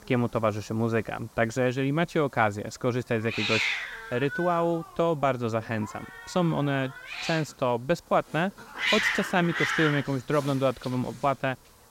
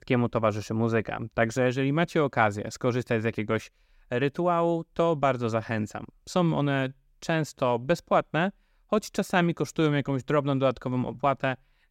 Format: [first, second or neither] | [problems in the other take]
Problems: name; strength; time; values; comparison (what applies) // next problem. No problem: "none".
second | hiss; loud; throughout; 2 dB below the speech